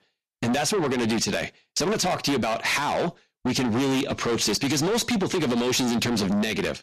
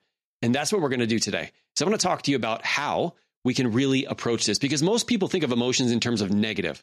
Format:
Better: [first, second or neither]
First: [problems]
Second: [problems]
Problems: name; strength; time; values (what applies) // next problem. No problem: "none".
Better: second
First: distortion; heavy; 6 dB below the speech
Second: none